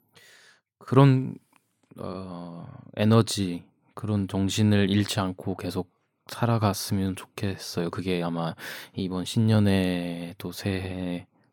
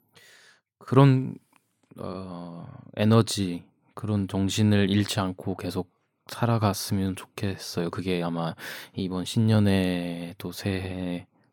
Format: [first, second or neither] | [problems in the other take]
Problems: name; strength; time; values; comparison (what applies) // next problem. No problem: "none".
neither | none